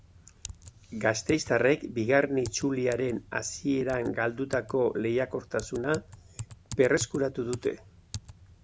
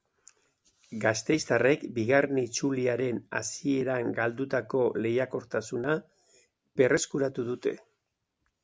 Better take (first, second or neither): second